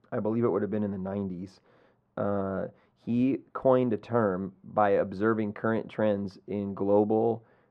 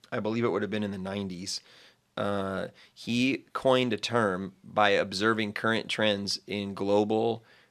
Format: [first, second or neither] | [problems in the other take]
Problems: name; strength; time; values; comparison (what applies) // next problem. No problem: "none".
second | muffled; very; fading above 2 kHz